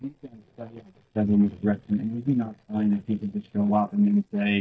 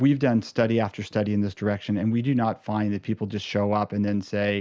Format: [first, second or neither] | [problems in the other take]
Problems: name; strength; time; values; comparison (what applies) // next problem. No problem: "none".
second | noise reduction (neural mask model DeepFilterNet 3)